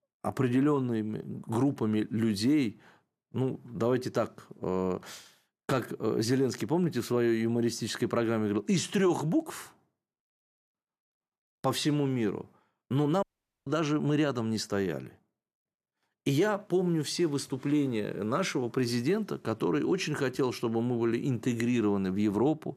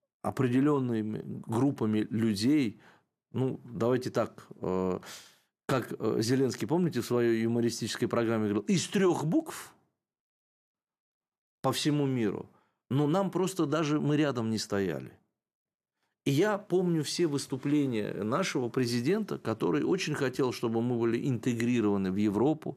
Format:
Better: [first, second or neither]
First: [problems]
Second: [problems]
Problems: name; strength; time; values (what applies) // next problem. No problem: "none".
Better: second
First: audio cutting out; at 13 s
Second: none